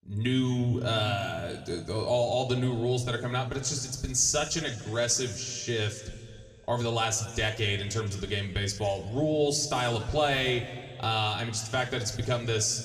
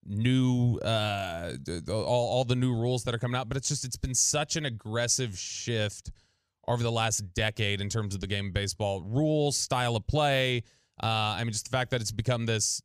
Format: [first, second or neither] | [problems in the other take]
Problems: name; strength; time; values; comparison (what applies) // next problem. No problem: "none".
second | room echo; slight; dies away in 1.9 s // off-mic speech; somewhat distant